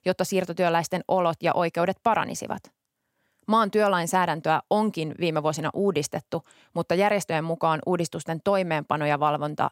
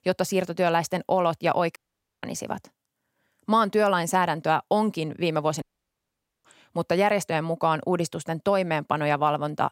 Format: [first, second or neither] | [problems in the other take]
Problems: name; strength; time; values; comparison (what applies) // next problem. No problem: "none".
first | audio cutting out; at 2 s and at 5.5 s for 1 s